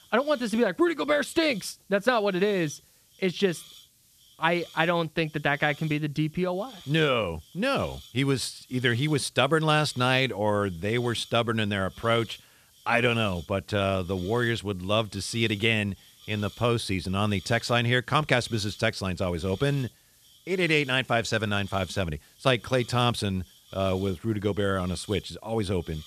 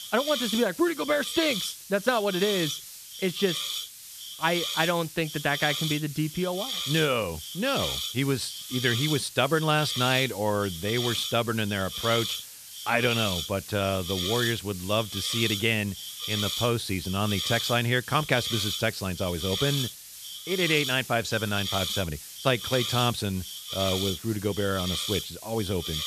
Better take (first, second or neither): first